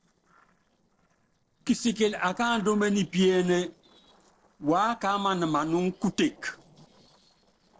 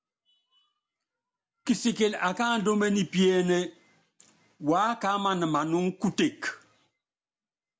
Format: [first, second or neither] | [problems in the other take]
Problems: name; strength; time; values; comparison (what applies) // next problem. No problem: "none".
second | noise reduction (neural separator model SepFormer DNS4)